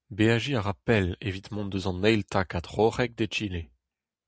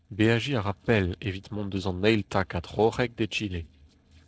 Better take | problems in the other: first | noise reduction (neural separator model SepFormer DNS4)

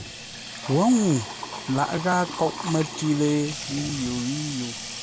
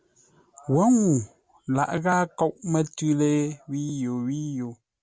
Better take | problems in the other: second | background sound (Sink (filling or washing) / Water tap, faucet); 10 dB below the speech

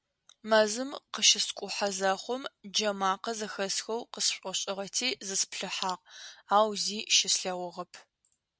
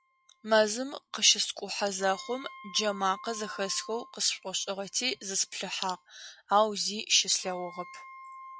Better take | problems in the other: first | noise reduction (classical method log-MMSE)

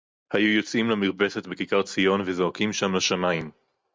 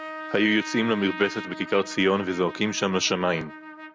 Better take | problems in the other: first | background sound (Trumpet); 13 dB below the speech

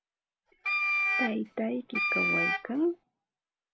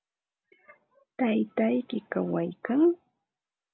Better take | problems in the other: second | background sound (Wind instrument, woodwind instrument); 4 dB above the speech

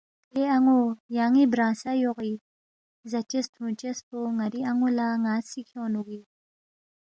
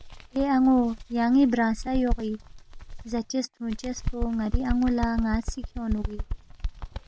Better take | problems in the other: first | background sound (Bird); 6 dB below the speech

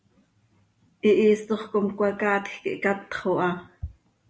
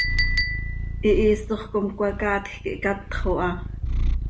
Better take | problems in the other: first | background sound (Chink, clink + Purr); as loud as the speech

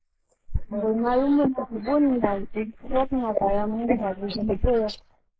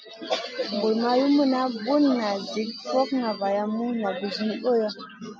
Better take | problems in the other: second | noise reduction (neural mask model Resemble Enhance denoiser)

